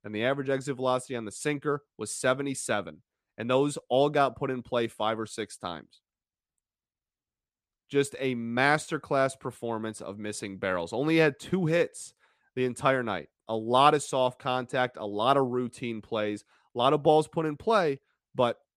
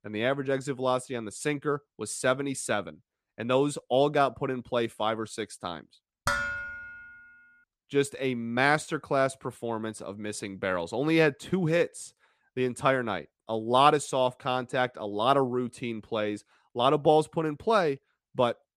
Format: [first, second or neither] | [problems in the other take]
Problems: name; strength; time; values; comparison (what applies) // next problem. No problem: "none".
first | clattering dishes; noticeable; at 6.5 s; peak 1 dB below the speech